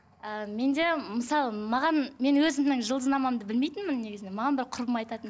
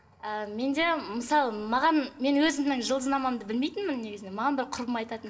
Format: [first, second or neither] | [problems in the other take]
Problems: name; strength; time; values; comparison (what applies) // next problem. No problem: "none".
first | room echo; dies away in 0.5 s